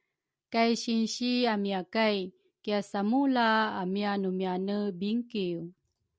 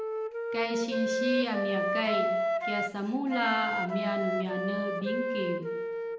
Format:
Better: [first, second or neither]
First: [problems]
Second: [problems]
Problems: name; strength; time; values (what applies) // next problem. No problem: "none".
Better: first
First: none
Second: background sound (Wind instrument, woodwind instrument); 1 dB above the speech // room echo; dies away in 0.8 s